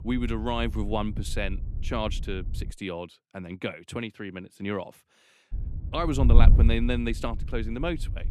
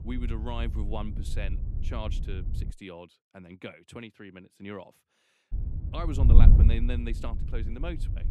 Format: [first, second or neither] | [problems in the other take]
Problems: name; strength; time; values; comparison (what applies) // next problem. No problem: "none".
first | wind noise on the microphone; heavy; until 2.5 s and from 5.5 s on; 4 dB below the speech; occasional gusts in the first